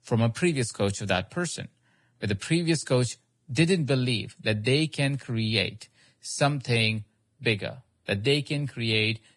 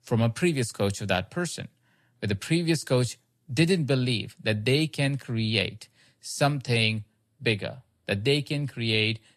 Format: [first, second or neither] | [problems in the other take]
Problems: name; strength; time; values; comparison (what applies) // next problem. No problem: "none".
second | garbled, watery; badly; nothing above 10 kHz; slightly in the second